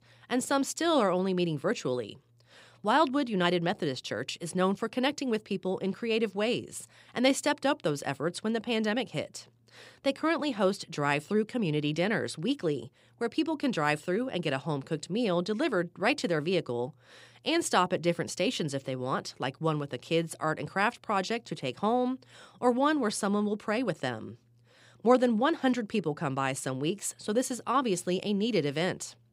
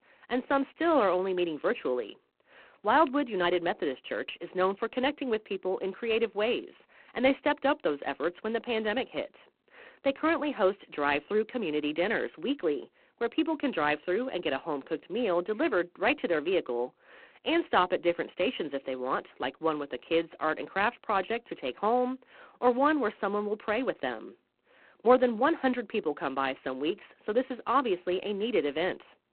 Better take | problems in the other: first | phone-call audio; poor line

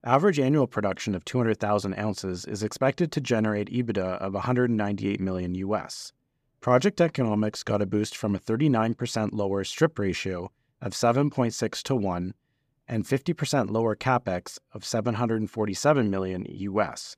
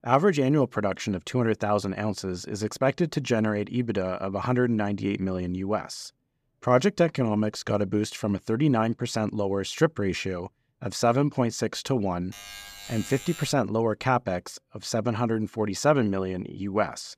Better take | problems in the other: first | alarm; faint; from 12 to 14 s; peak 15 dB below the speech

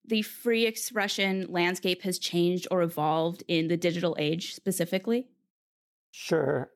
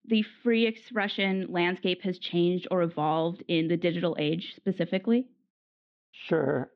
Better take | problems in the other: first | muffled; slightly; fading above 3.5 kHz

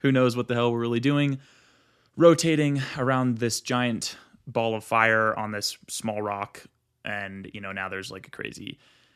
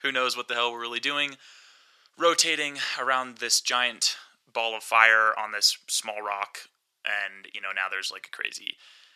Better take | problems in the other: first | thin; very; fading below 900 Hz

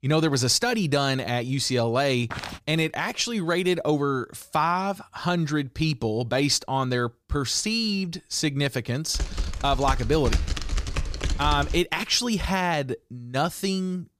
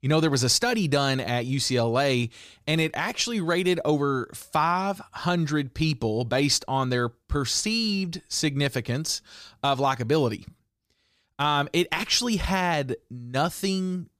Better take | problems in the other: second | footsteps; noticeable; at 2.5 s; peak 10 dB below the speech // keyboard typing; noticeable; from 9 to 12 s; peak 3 dB below the speech

